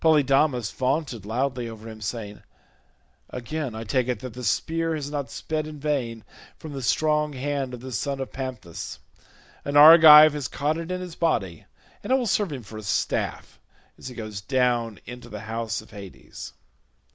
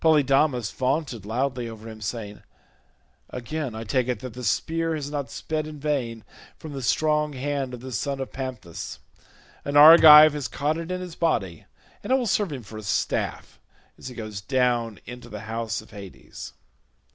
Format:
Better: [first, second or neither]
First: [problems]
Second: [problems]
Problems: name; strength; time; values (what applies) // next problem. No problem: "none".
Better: first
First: none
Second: background sound (Thump, thud); 11 dB below the speech